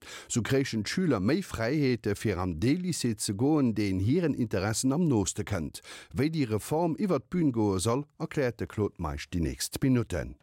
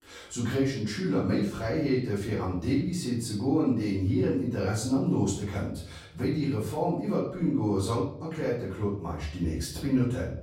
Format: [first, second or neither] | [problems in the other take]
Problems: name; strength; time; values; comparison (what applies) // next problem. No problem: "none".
first | off-mic speech; far // room echo; noticeable; dies away in 0.6 s